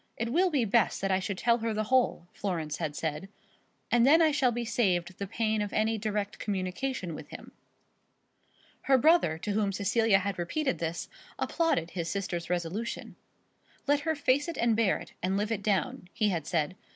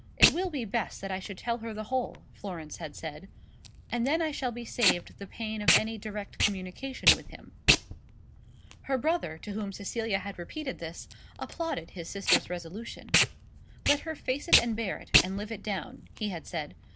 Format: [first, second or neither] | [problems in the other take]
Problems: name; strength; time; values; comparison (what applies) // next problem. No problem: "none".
first | background sound (Packing tape, duct tape); 1 dB above the speech